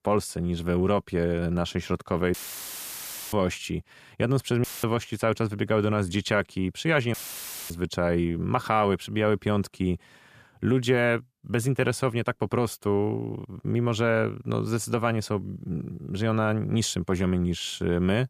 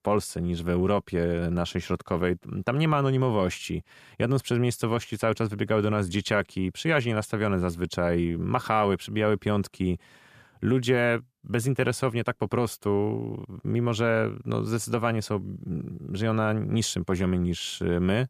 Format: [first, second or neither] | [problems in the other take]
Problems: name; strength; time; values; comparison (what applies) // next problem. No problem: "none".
second | audio cutting out; filled with static; at 2.5 s for 1 s, at 4.5 s and at 7 s for 0.5 s